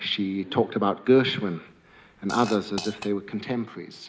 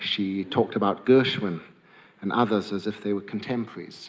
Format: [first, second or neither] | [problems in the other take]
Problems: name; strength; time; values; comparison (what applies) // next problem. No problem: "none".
second | background sound (Fart); 15 dB below the speech